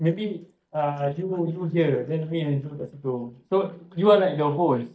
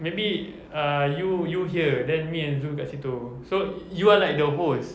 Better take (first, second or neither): second